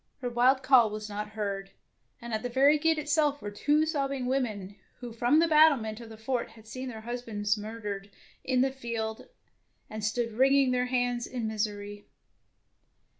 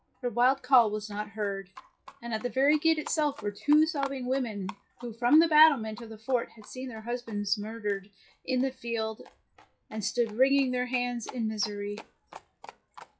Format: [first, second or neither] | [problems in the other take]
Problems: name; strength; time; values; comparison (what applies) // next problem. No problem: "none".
first | noise reduction (classical method WPE with log-MMSE)